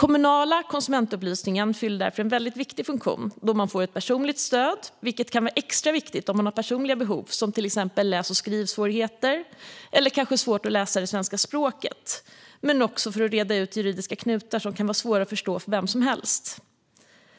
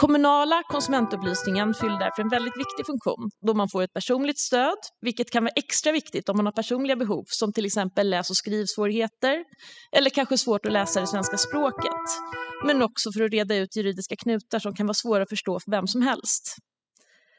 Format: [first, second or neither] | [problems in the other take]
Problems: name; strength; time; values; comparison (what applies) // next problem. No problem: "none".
first | noise reduction (classical method spectral subtraction)